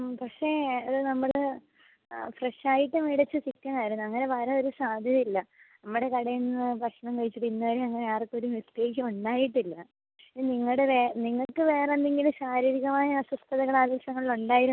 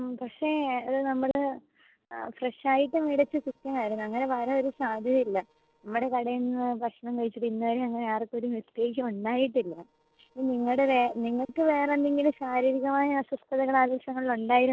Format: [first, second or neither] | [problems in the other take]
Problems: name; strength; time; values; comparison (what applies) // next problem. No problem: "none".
first | noise reduction (neural separator model SepFormer DNS4)